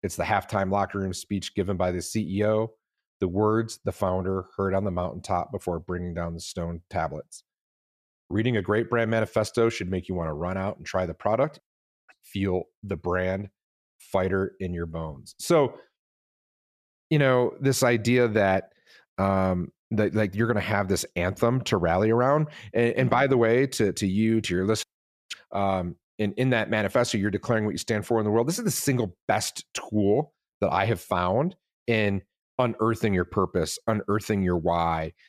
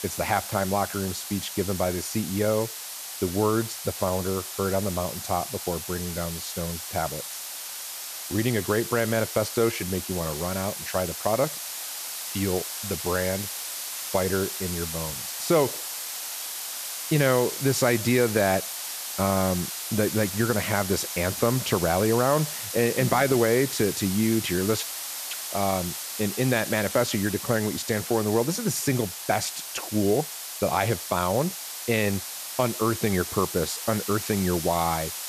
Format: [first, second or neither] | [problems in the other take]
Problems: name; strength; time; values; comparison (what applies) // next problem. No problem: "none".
first | hiss; loud; throughout; 6 dB below the speech